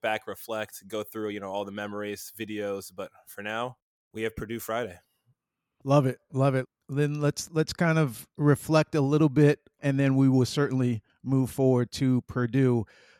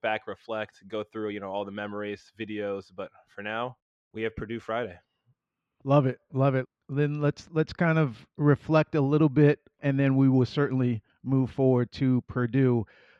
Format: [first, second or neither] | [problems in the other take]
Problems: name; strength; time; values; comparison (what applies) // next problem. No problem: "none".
first | muffled; slightly; fading above 3.5 kHz